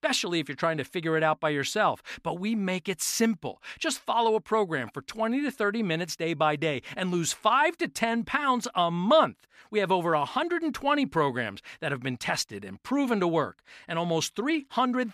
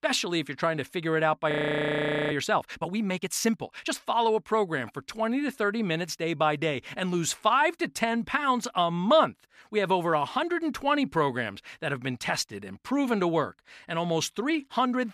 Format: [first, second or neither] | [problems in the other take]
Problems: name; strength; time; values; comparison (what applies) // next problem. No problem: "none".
first | audio freezing; at 1.5 s for 1 s